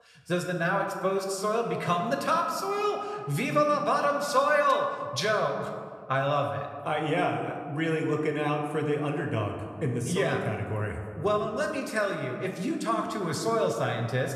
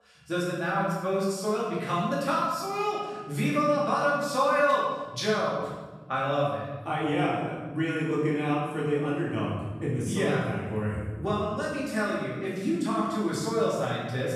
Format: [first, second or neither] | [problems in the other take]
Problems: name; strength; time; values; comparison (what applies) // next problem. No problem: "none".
first | room echo; strong; dies away in 1.4 s; slight in the first // off-mic speech; far